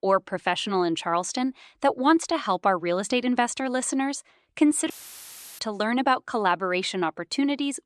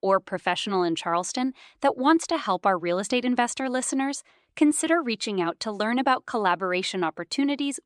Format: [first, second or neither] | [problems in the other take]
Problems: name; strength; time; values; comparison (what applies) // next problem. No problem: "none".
second | audio cutting out; filled with static; at 5 s for 0.5 s